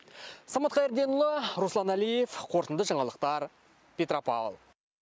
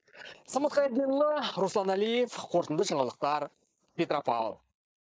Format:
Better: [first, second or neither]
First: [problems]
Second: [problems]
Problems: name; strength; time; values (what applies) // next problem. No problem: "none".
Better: first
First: none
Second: noise reduction (neural mask model Resemble Enhance denoiser)